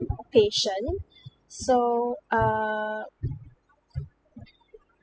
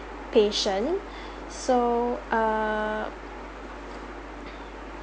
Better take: second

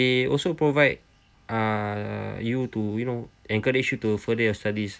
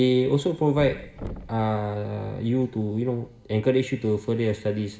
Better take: first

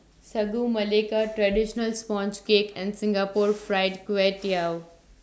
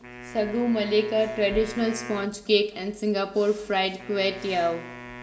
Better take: first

